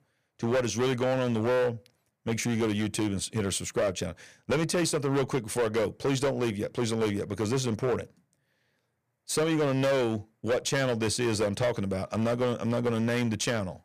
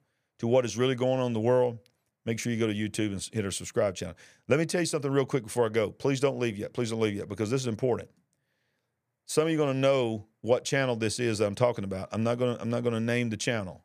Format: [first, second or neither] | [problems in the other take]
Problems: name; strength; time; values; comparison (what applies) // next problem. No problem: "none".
second | distortion; heavy; 14% of the sound clipped